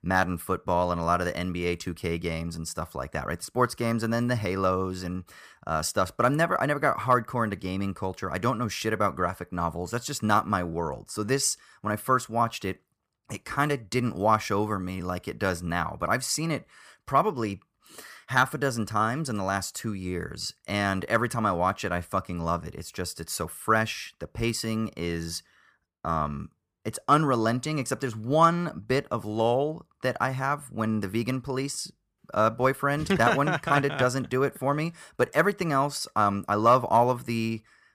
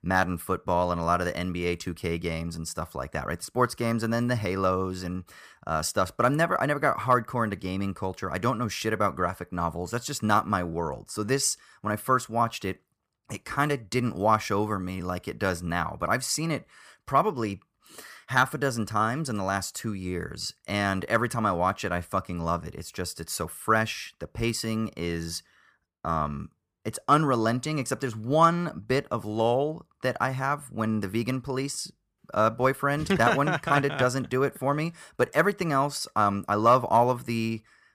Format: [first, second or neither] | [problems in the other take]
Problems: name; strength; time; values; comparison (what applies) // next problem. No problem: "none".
neither | none